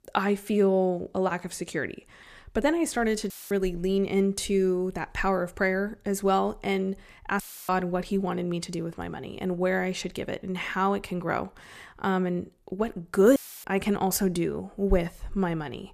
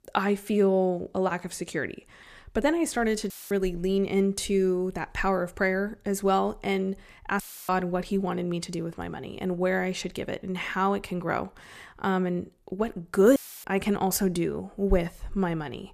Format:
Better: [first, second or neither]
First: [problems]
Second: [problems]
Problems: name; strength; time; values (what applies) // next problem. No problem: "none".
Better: neither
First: audio cutting out; filled with static; at 3.5 s, at 7.5 s and at 13 s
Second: audio cutting out; filled with static; at 3.5 s, at 7.5 s and at 13 s